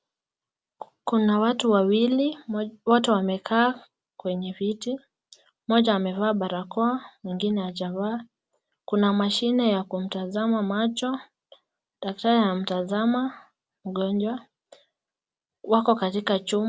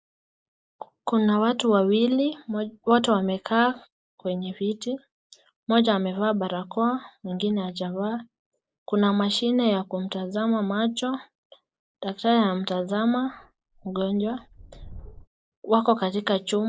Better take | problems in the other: first | noise reduction (neural mask model Resemble Enhance denoiser)

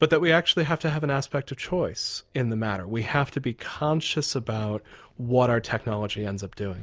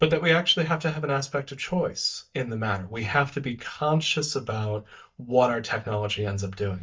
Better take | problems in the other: first | noise reduction (neural mask model DeepFilterNet 3)

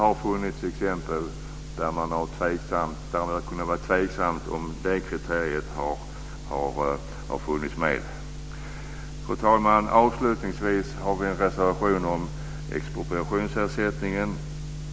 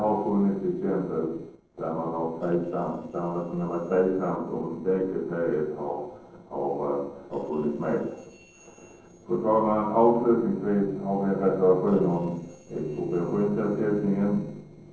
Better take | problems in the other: first | noise reduction (neural separator model SepFormer DNS4)

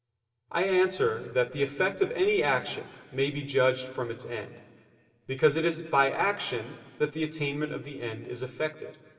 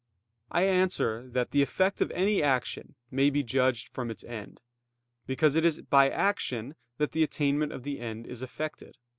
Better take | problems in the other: second | room echo; dies away in 1.9 s

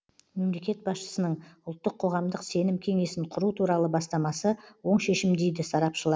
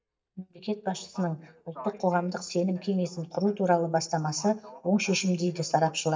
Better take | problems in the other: first | noise reduction (neural mask model DeepFilterNet 3)

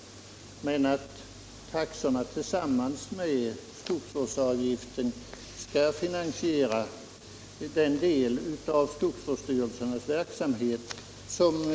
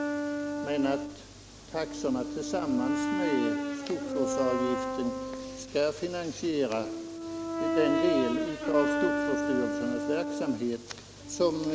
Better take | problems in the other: first | background sound (Brass instrument); 1 dB below the speech

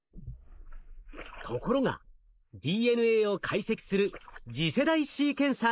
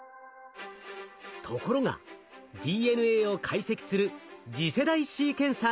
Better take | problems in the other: second | noise reduction (neural mask model Resemble Enhance denoiser)

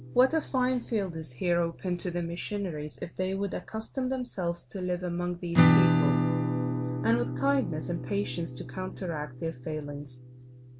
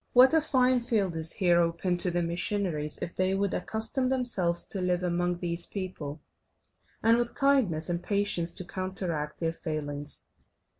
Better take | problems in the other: second | background sound (Acoustic guitar / Strum); as loud as the speech

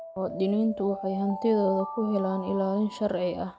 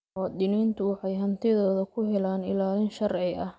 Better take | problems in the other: second | background sound (Alarm); 11 dB below the speech

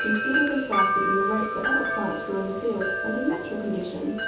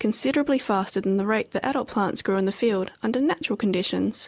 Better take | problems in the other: second | background sound (Wind chime); 1 dB above the speech // room echo; dies away in 0.6 s

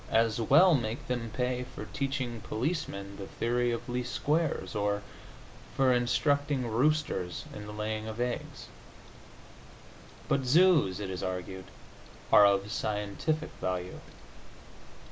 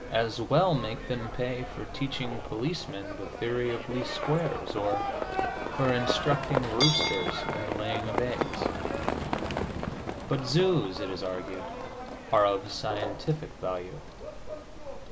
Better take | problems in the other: first | background sound (Livestock, farm animals, working animals); 3 dB below the speech

